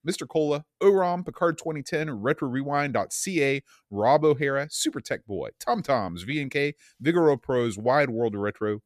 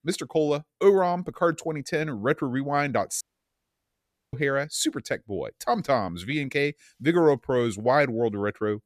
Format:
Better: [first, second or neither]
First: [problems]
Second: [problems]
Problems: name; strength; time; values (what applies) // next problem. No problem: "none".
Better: first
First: none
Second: audio cutting out; at 3 s for 1 s